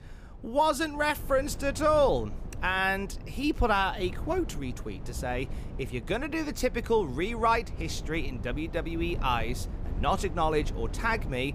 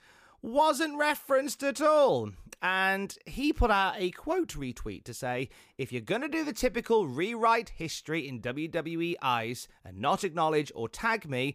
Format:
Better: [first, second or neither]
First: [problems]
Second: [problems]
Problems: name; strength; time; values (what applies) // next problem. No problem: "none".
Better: second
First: low rumble; faint; throughout; 20 dB below the speech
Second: none